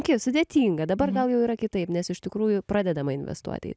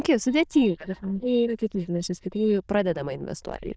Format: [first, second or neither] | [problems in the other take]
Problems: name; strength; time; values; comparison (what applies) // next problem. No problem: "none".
first | noise reduction (neural diffusion model UNIVERSE++)